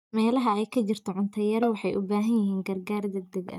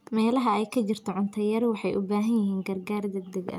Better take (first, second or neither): second